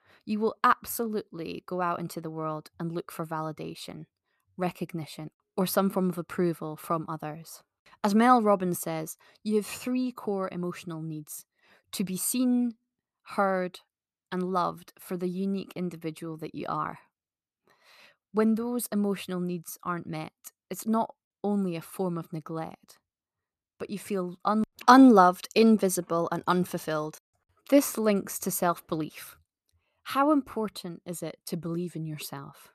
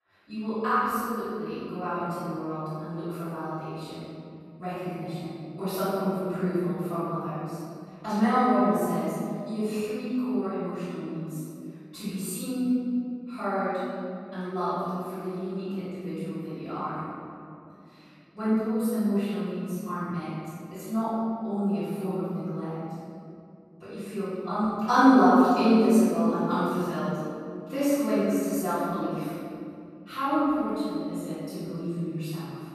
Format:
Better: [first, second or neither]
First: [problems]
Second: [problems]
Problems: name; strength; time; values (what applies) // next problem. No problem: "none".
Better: first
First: none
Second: off-mic speech; far // room echo; strong; dies away in 2.7 s